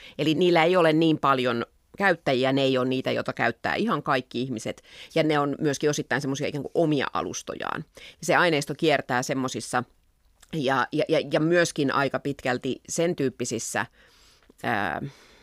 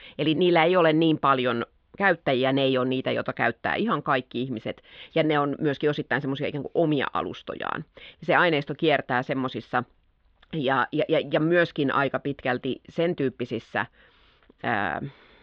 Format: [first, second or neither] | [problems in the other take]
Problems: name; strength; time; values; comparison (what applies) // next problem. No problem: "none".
first | muffled; very; fading above 3.5 kHz